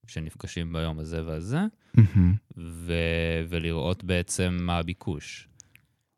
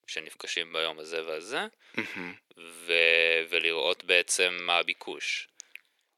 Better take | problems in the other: first | thin; very; fading below 400 Hz

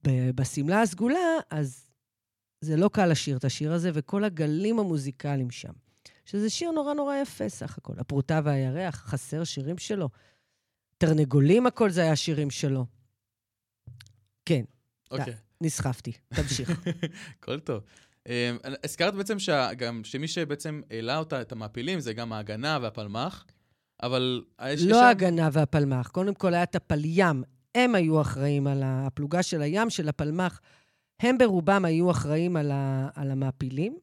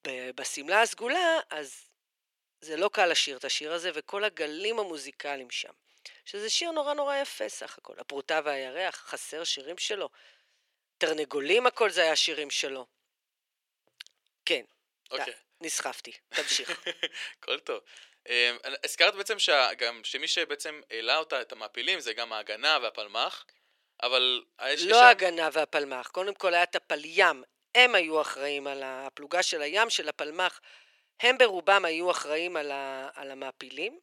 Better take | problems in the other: first | thin; very; fading below 450 Hz

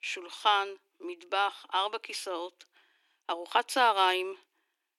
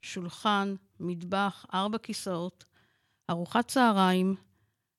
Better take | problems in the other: second | thin; very; fading below 300 Hz

